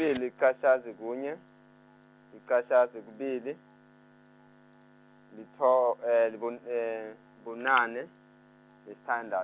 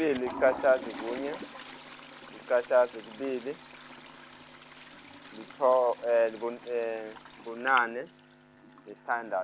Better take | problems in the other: first | background sound (Toilet flush); 15 dB below the speech

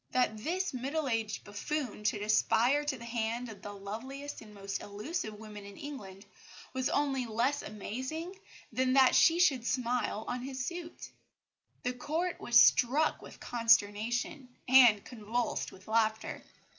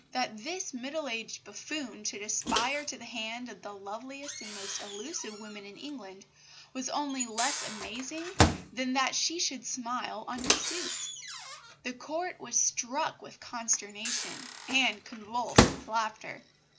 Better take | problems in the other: first | background sound (Microwave oven); as loud as the speech

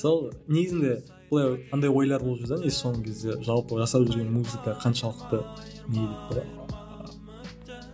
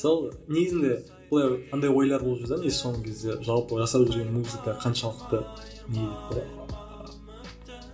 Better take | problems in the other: first | room echo; dies away in 0.3 s

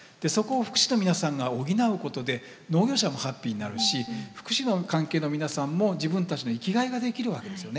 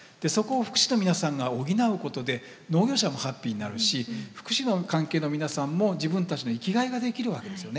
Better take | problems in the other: second | background sound (Marimba, xylophone); 19 dB below the speech

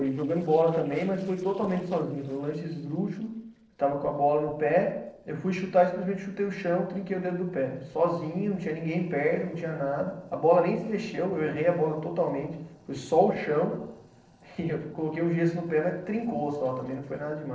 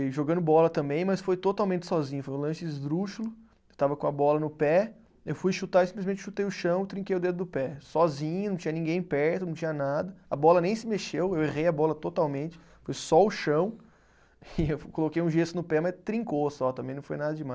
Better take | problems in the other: second | noise reduction (neural separator model SepFormer DNS4)

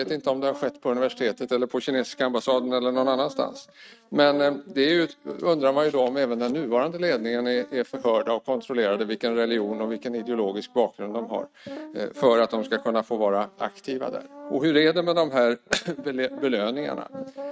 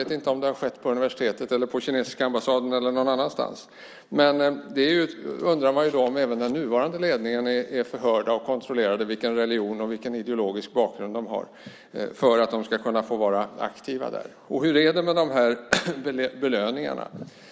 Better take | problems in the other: second | noise reduction (neural mask model RNNoise)

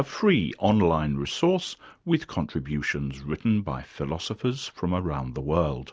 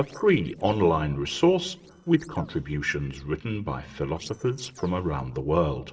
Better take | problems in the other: first | noise reduction (neural separator model SepFormer DNS4)

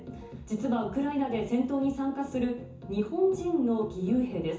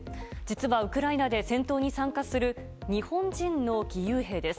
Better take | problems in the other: second | room echo; dies away in 0.6 s

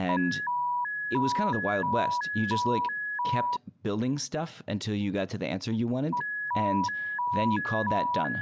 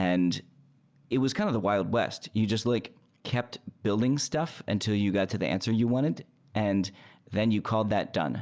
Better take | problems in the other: second | background sound (Alarm); as loud as the speech

